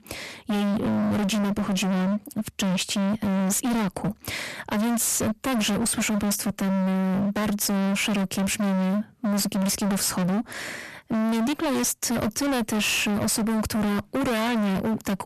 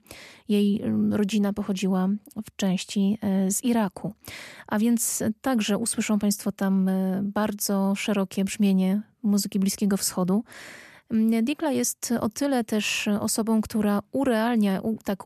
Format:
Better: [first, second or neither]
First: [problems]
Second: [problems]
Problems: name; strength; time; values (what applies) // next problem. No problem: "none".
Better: second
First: distortion; heavy; 47% of the sound clipped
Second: none